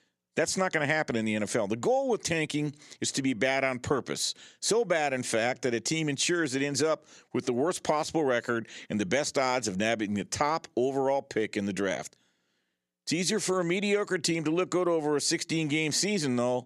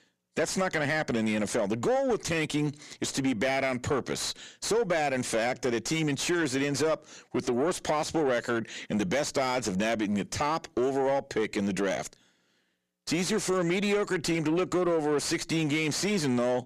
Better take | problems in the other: first | distortion; slight; 10 dB below the speech

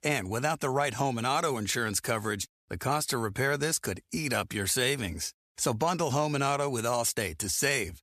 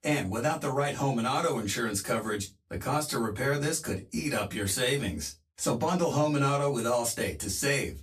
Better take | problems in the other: first | off-mic speech; far // room echo; very slight; dies away in 0.2 s

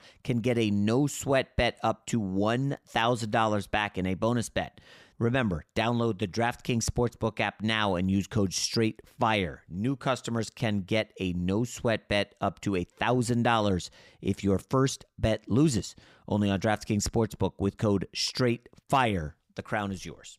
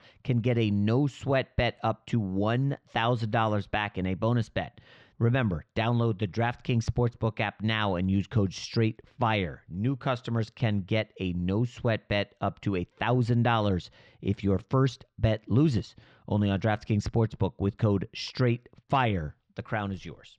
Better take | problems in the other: first | muffled; very slightly; fading above 4 kHz

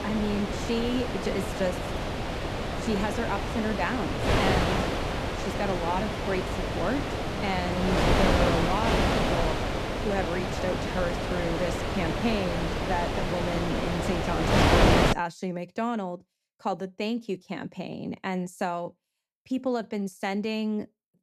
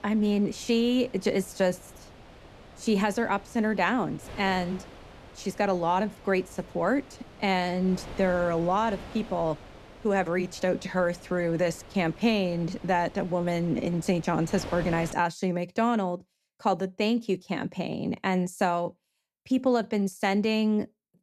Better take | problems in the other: second | wind noise on the microphone; heavy; until 15 s; 4 dB above the speech; occasional gusts in the second

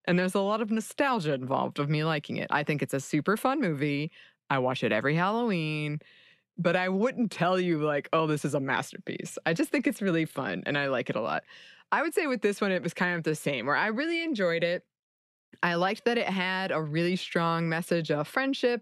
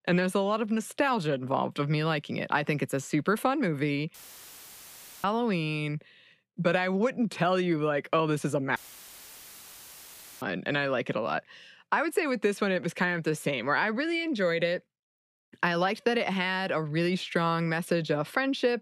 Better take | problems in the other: first | audio cutting out; filled with static; at 4 s for 1 s and at 9 s for 1.5 s

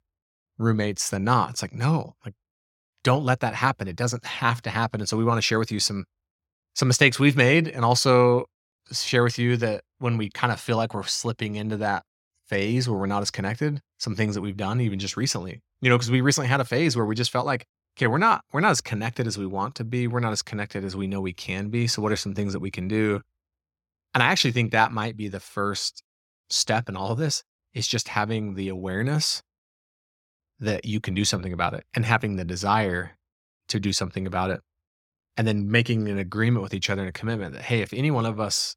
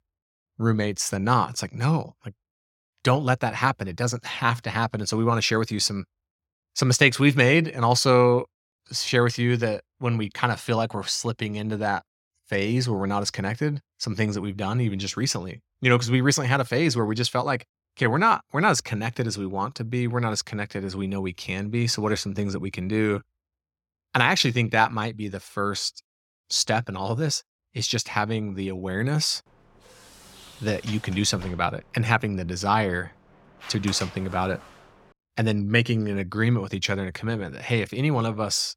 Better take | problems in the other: first | door banging; faint; from 30 to 35 s; peak 15 dB below the speech

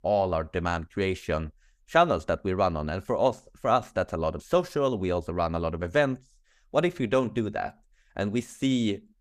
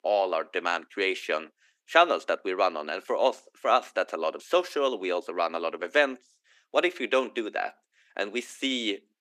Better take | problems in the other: first | thin; somewhat; fading below 300 Hz

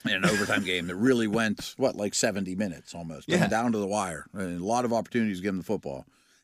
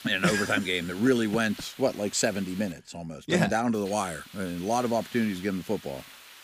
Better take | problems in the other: first | hiss; noticeable; until 2.5 s and from 3.5 s on; 20 dB below the speech

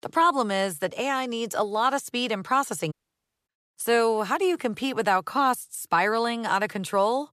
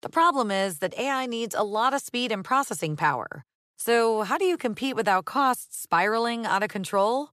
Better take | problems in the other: second | audio cutting out; at 3 s for 0.5 s

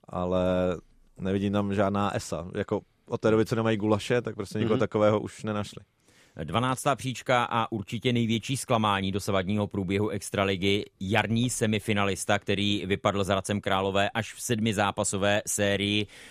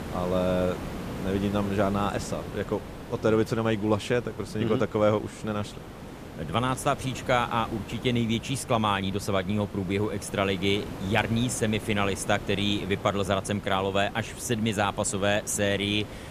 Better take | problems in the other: first | hiss; noticeable; throughout; 10 dB below the speech

